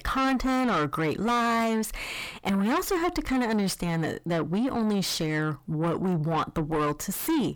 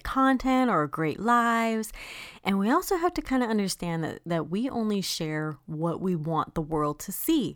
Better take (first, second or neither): second